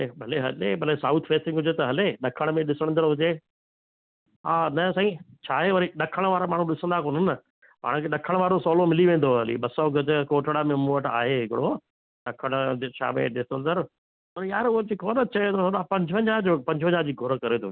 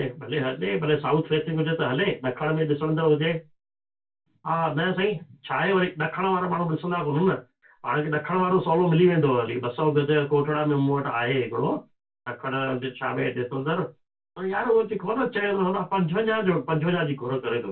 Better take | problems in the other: first | room echo; dies away in 0.2 s

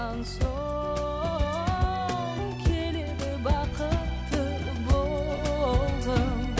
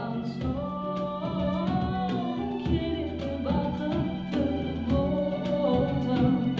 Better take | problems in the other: first | room echo; dies away in 0.9 s

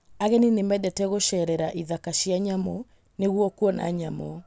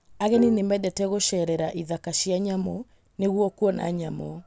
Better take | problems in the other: first | background sound (Bowed string instrument); 15 dB below the speech

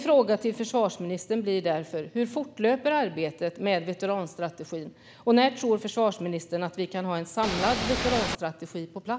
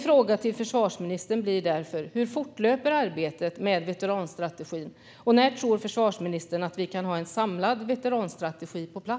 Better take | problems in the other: second | background sound (Ocean / Boat, Water vehicle); 2 dB below the speech

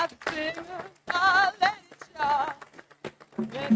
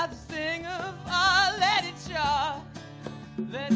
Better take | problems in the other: second | noise reduction (neural mask model RNNoise)

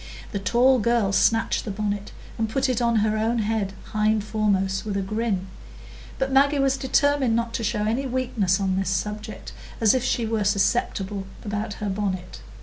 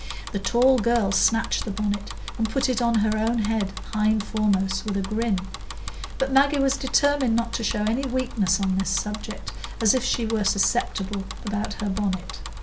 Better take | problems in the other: first | background sound (Bicycle); 10 dB below the speech

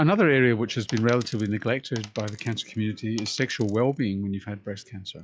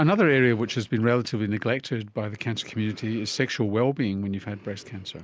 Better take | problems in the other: second | noise reduction (classical method log-MMSE)

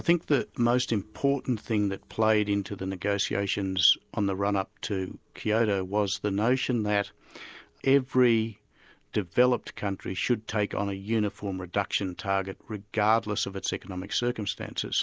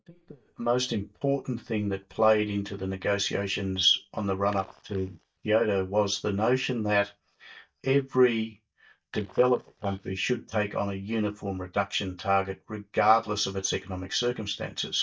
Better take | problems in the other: first | noise reduction (neural mask model DeepFilterNet 3)

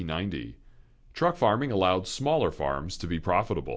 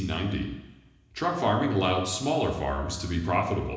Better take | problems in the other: first | room echo; dies away in 1 s

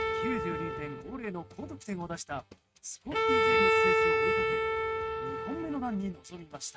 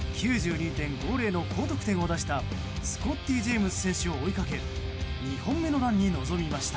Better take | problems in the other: second | noise reduction (neural mask model RNNoise)

